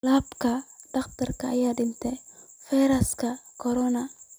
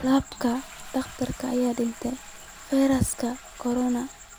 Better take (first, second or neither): first